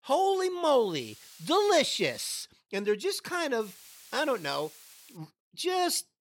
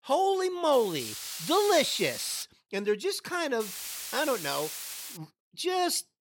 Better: first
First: hiss; faint; from 0.5 to 2.5 s and from 3.5 to 5 s; 20 dB below the speech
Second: hiss; loud; from 0.5 to 2.5 s and from 3.5 to 5 s; 8 dB below the speech

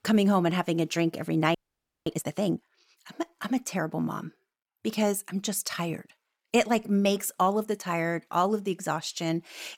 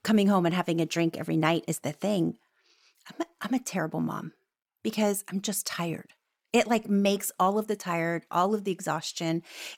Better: second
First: audio freezing; at 1.5 s for 0.5 s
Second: none

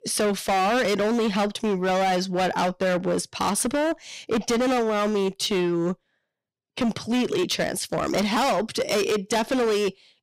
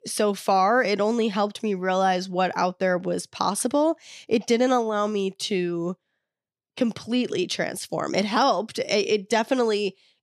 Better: second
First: distortion; heavy; 23% of the sound clipped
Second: none

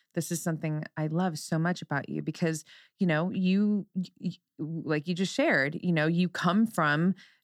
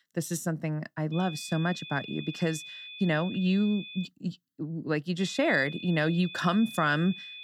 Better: first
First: none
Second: high-pitched whine; noticeable; from 1 to 4 s and from 5 s on; 3.5 kHz, 10 dB below the speech

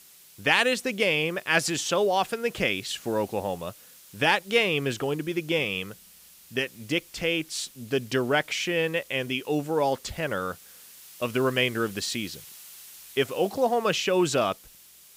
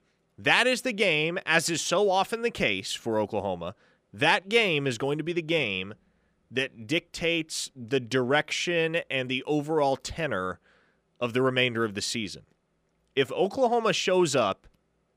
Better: second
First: hiss; faint; throughout; 20 dB below the speech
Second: none

